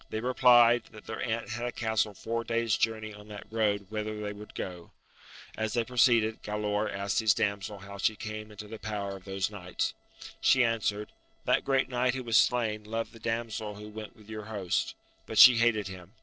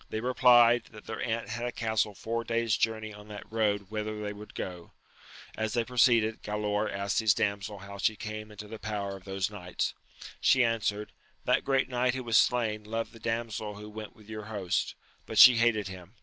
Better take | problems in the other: second | noise reduction (neural separator model SepFormer DNS4)

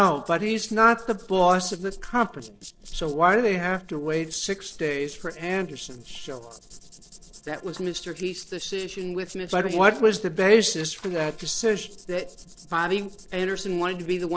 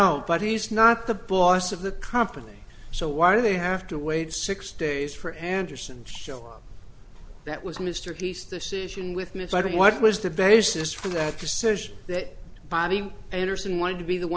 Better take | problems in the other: second | noise reduction (neural separator model SepFormer DNS4)

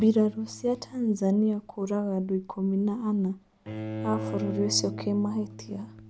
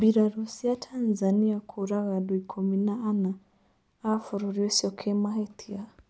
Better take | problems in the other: second | background sound (Bowed string instrument); 11 dB below the speech

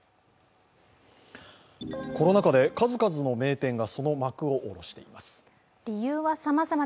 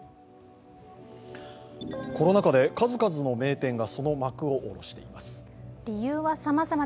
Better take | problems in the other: first | background sound (Organ); 17 dB below the speech

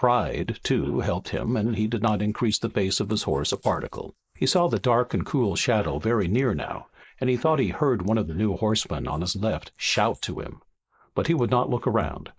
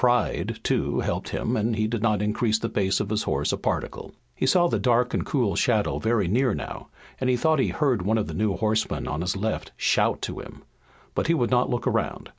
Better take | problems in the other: second | noise reduction (neural mask model Resemble Enhance denoiser)

